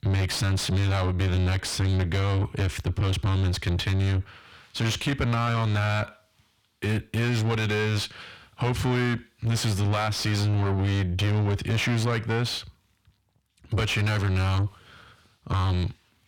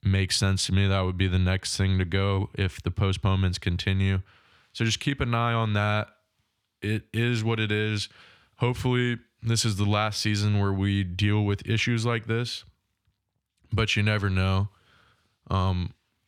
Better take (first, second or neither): second